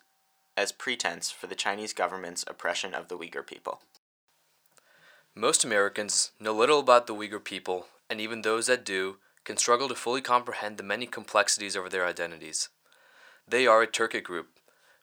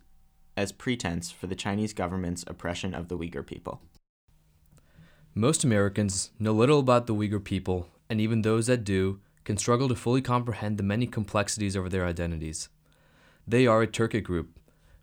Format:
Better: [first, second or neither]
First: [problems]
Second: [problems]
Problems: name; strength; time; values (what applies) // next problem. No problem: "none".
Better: second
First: thin; very; fading below 650 Hz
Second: none